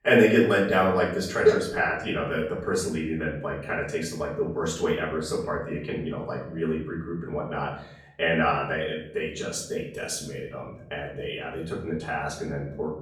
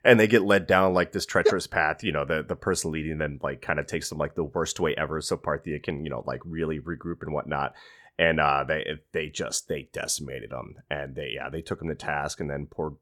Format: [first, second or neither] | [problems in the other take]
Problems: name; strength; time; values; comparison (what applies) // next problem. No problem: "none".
second | off-mic speech; far // room echo; noticeable; dies away in 0.6 s